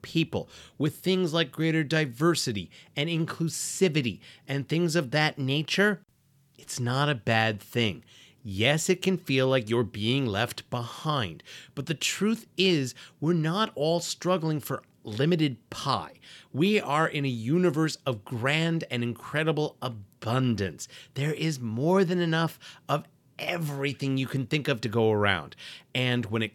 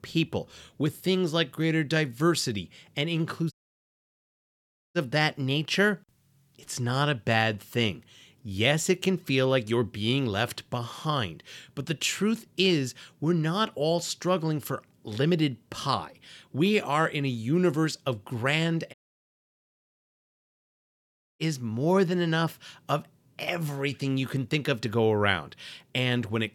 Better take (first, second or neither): first